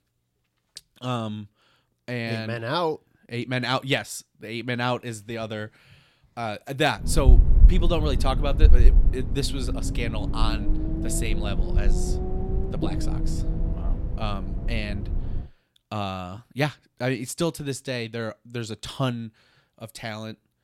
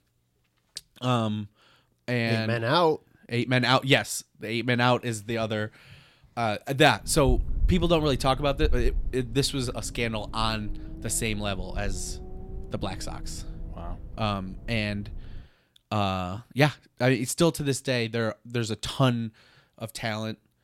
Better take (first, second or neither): second